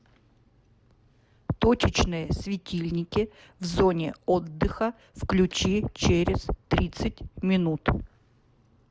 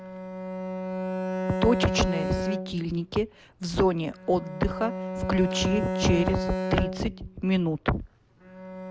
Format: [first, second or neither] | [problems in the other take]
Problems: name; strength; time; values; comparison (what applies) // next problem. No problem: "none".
first | background sound (Bowed string instrument); 4 dB below the speech